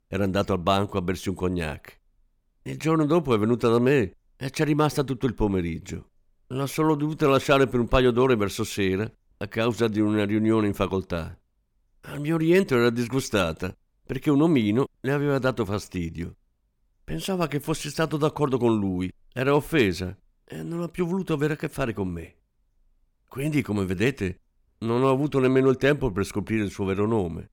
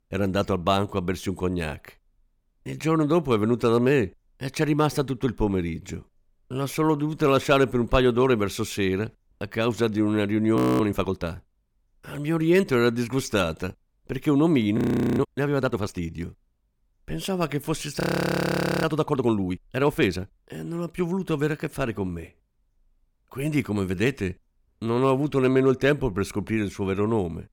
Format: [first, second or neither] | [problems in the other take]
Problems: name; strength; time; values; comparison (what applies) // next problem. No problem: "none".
first | audio freezing; at 11 s, at 15 s and at 18 s for 1 s